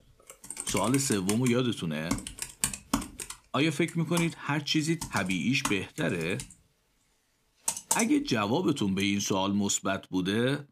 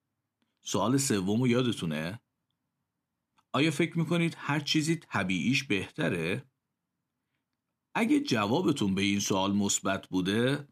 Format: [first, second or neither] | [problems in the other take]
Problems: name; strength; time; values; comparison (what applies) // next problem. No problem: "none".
second | keyboard typing; loud; until 8 s; peak level with the speech